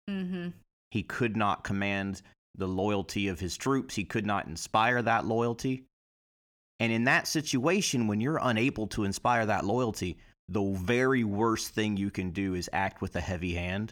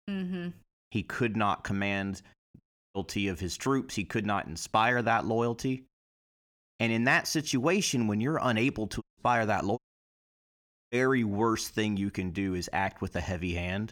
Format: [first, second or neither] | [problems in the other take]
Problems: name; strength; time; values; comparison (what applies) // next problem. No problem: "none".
first | audio cutting out; at 2.5 s, at 9 s and at 10 s for 1 s